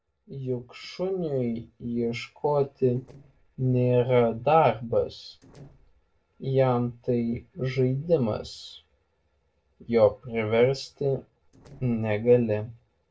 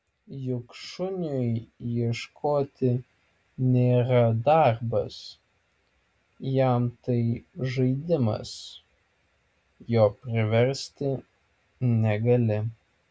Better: second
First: noise reduction (neural separator model SepFormer DNS4)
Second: none

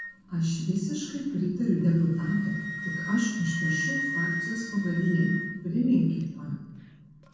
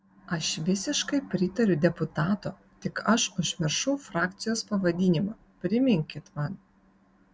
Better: second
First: background sound (Wind instrument, woodwind instrument); 9 dB below the speech // room echo; dies away in 1.1 s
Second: none

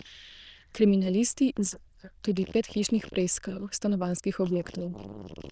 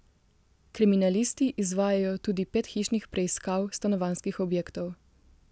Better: second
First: noise reduction (neural diffusion model UNIVERSE++)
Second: none

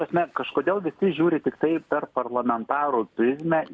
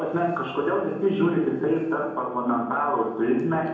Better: first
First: none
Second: room echo; dies away in 0.9 s

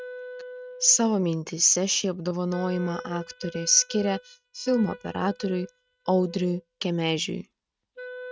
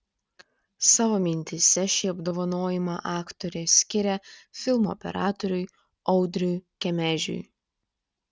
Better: second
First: noise reduction (neural mask model RNNoise)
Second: none

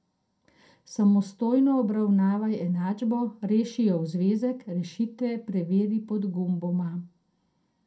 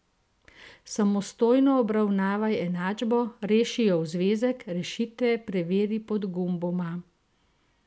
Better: second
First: room echo; dies away in 0.2 s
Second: none

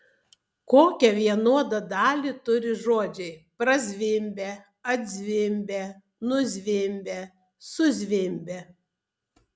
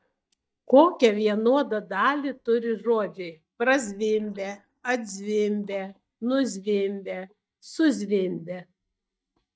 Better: first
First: none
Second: noise reduction (neural mask model DeepFilterNet 3)

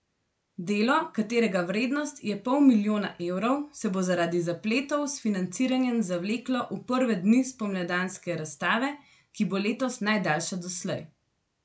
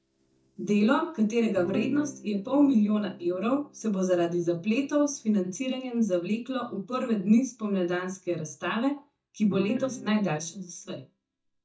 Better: first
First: none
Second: noise reduction (neural mask model DeepFilterNet 3)

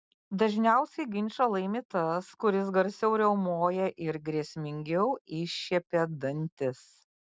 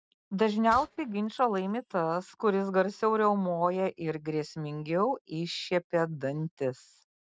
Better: first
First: none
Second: noise reduction (neural mask model RNNoise)

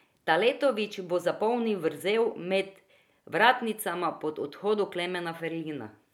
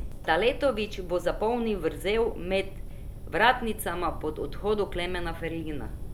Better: first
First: none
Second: background sound (Fire); 8 dB below the speech

